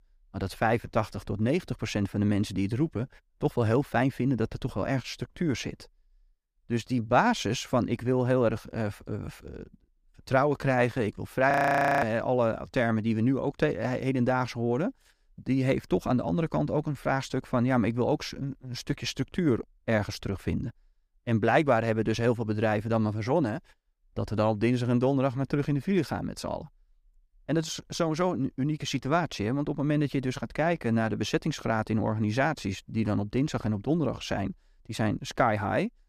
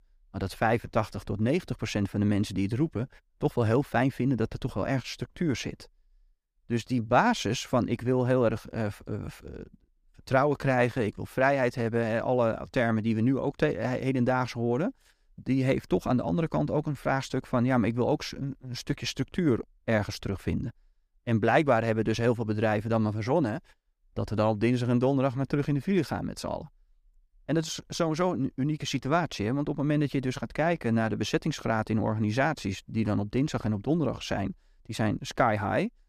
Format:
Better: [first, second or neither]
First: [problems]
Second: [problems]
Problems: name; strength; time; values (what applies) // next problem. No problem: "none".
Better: second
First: audio freezing; at 12 s for 0.5 s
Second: none